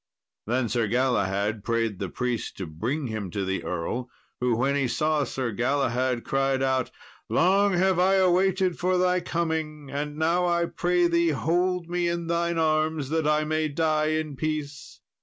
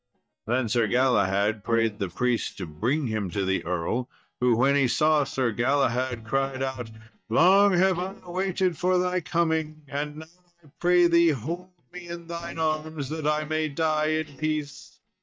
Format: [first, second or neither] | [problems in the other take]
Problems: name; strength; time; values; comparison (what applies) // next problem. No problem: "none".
first | noise reduction (neural mask model DeepFilterNet 3)